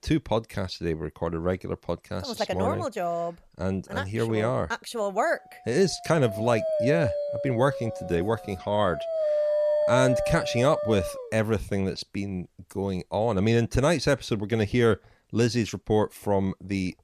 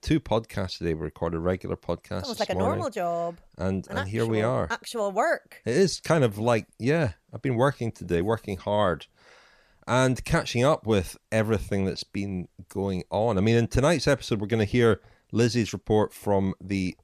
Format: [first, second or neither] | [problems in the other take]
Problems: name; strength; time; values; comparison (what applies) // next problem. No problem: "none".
second | dog barking; loud; from 6 to 11 s; peak 3 dB above the speech